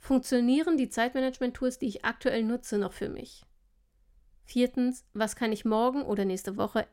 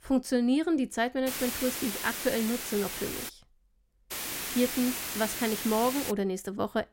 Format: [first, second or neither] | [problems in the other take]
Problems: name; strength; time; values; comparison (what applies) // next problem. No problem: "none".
first | hiss; loud; from 1.5 to 3.5 s and from 4 to 6 s; 4 dB below the speech